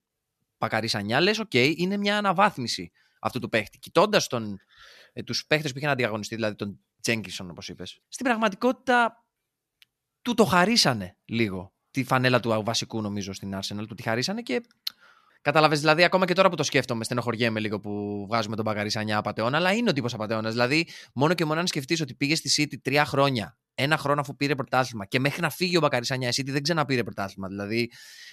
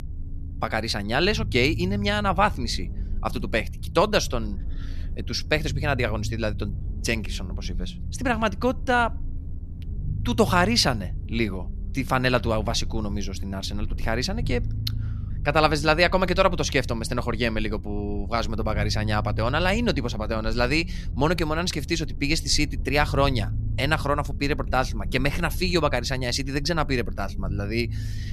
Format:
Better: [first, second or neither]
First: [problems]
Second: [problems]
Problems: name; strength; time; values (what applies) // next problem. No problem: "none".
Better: first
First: none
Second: low rumble; faint; throughout; 20 dB below the speech